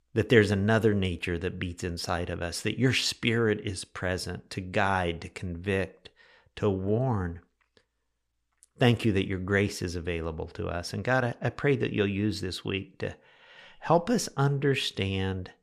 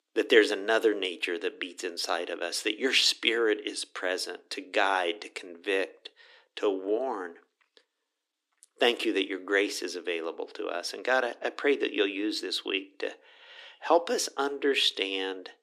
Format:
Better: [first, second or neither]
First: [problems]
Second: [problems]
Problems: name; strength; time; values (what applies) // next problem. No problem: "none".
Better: first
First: none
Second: thin; somewhat; fading below 300 Hz